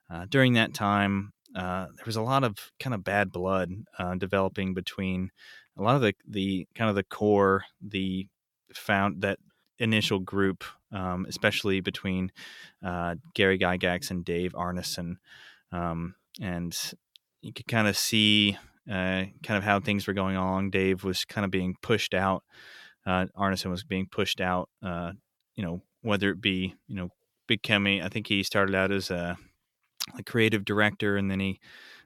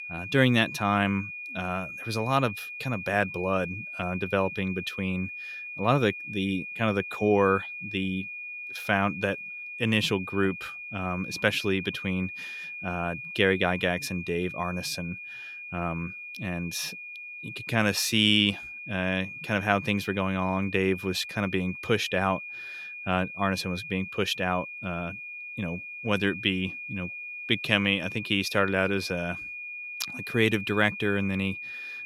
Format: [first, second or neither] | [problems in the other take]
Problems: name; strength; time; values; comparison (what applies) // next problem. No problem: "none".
first | high-pitched whine; loud; throughout; 2.5 kHz, 9 dB below the speech